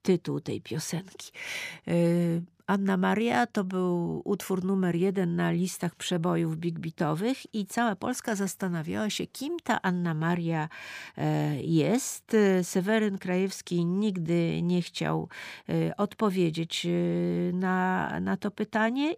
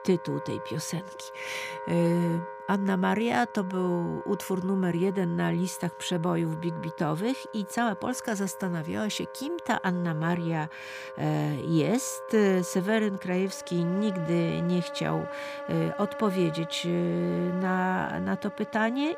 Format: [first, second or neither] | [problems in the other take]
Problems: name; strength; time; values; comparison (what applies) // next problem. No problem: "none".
first | background music; noticeable; throughout; 10 dB below the speech